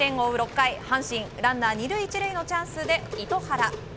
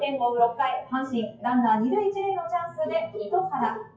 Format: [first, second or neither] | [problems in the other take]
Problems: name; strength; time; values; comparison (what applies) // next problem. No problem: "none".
first | noise reduction (classical method WPE with log-MMSE)